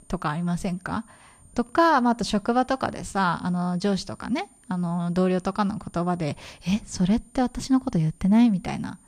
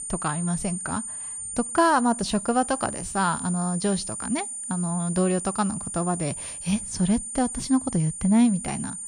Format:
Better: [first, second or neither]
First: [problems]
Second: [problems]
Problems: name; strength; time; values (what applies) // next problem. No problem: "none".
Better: first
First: high-pitched whine; faint; throughout; 9 kHz, 30 dB below the speech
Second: high-pitched whine; loud; throughout; 9 kHz, 6 dB below the speech